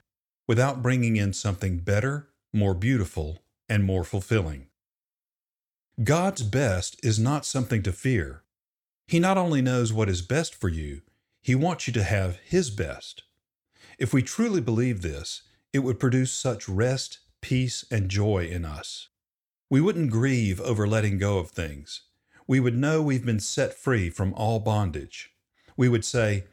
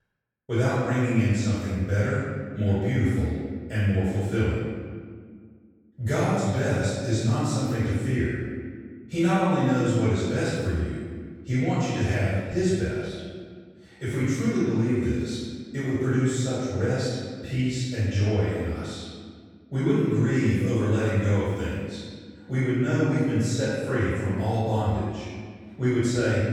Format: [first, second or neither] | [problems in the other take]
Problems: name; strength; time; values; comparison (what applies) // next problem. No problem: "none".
first | off-mic speech; far // room echo; strong; dies away in 1.7 s